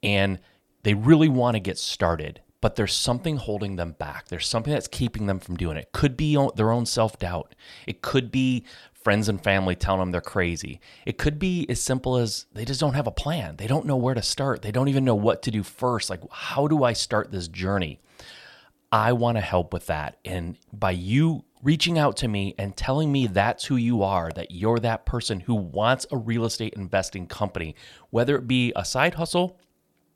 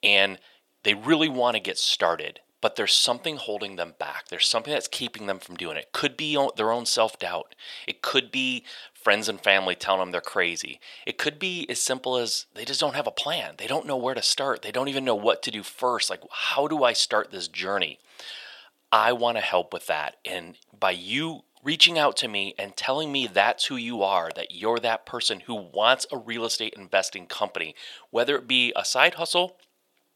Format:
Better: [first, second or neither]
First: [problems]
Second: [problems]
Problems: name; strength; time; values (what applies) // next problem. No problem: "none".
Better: first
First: none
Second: thin; somewhat; fading below 450 Hz